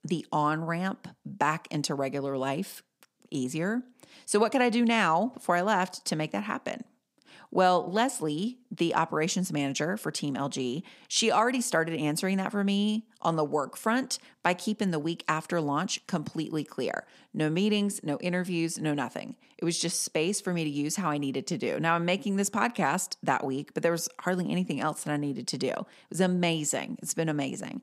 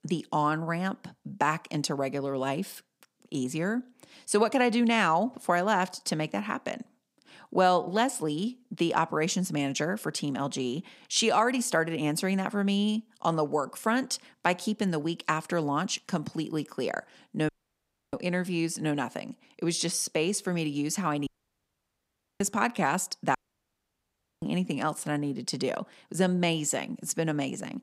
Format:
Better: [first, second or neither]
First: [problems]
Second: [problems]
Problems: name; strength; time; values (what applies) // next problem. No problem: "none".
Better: first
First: none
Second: audio cutting out; at 17 s for 0.5 s, at 21 s for 1 s and at 23 s for 1 s